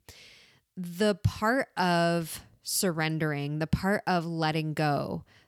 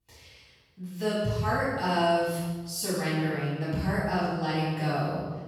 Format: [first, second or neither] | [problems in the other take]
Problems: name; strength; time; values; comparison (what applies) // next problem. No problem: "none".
first | off-mic speech; far // room echo; strong; dies away in 1.1 s